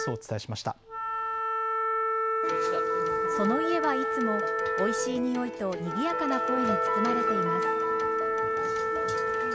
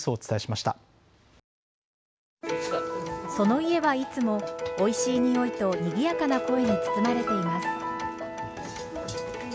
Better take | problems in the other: second | background sound (Wind instrument, woodwind instrument); 3 dB above the speech

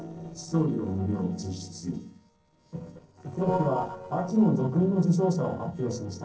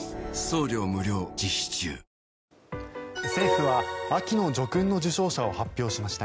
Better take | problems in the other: second | noise reduction (neural separator model SepFormer DNS4)

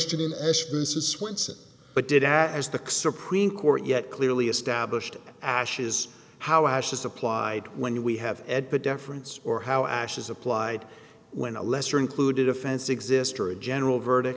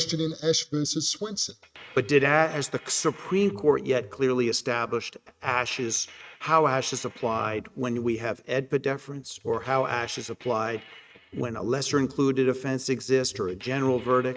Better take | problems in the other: first | noise reduction (neural mask model RNNoise)

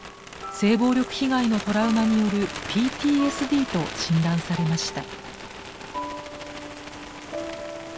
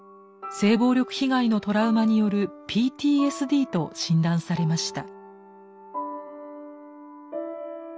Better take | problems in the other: second | background sound (Bird); 12 dB below the speech

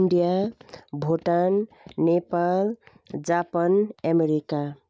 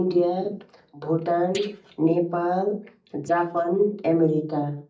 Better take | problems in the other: first | noise reduction (neural mask model DeepFilterNet 3)

